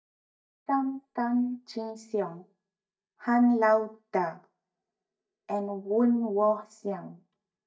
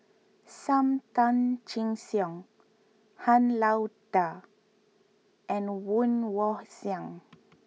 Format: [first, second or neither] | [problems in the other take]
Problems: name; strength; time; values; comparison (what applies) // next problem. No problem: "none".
second | noise reduction (neural mask model DeepFilterNet 3)